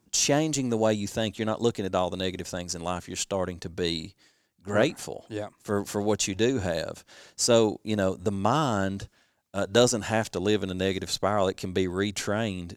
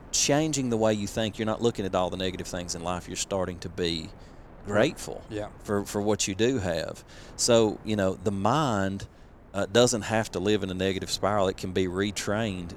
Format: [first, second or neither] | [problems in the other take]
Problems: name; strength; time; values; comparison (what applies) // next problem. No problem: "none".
first | wind noise on the microphone; occasional gusts; 25 dB below the speech